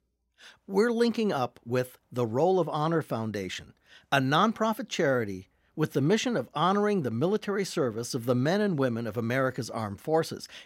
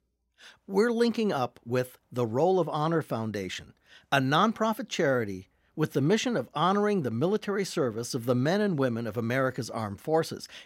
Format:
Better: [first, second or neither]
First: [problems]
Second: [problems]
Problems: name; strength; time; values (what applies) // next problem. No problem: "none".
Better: neither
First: none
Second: none